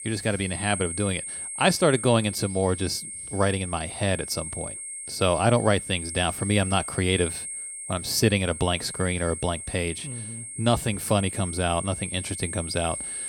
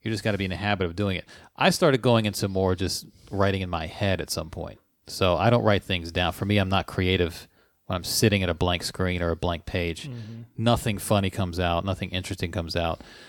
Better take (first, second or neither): second